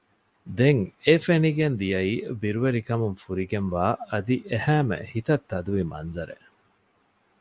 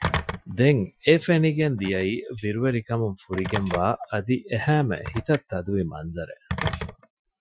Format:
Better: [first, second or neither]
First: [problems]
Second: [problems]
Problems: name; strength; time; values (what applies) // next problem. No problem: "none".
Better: first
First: none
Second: noise reduction (classical method Wiener filter)